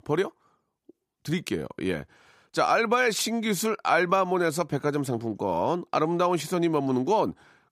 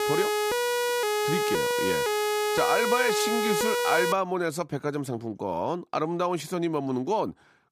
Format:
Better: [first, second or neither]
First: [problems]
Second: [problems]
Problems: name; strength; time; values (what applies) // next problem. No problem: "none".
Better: first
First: none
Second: siren; loud; until 4 s; peak 3 dB above the speech